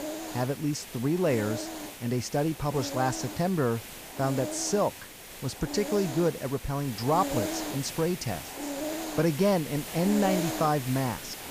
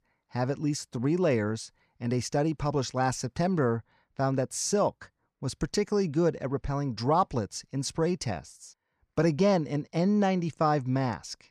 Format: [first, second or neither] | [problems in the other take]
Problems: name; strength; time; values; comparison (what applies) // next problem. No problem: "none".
second | hiss; loud; throughout; 7 dB below the speech